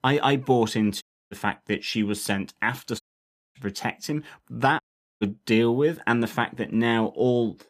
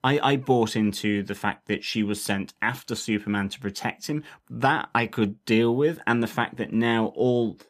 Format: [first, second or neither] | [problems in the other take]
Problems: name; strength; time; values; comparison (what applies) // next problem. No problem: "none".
second | audio cutting out; at 1 s, at 3 s for 0.5 s and at 5 s